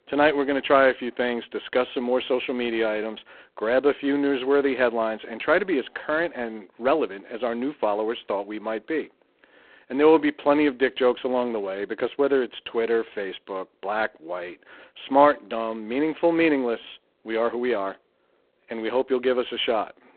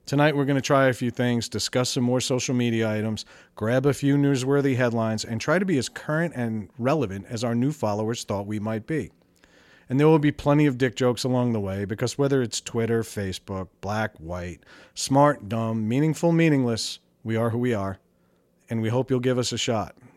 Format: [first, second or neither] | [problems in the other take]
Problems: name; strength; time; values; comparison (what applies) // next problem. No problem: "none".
second | phone-call audio; poor line